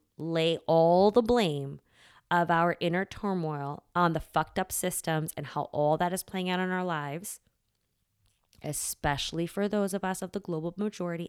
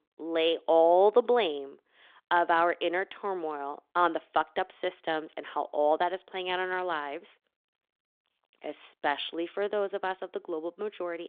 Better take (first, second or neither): first